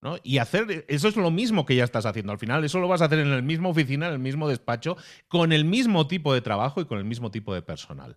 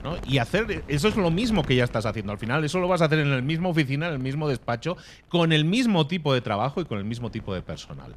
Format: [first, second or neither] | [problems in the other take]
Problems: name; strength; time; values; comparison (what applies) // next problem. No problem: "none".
first | wind noise on the microphone; occasional gusts; 20 dB below the speech